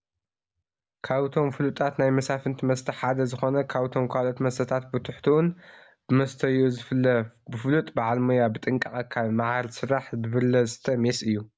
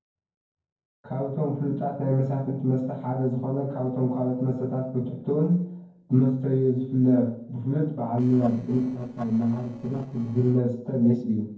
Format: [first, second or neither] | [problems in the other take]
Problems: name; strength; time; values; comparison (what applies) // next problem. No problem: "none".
first | noise reduction (neural separator model SepFormer DNS4)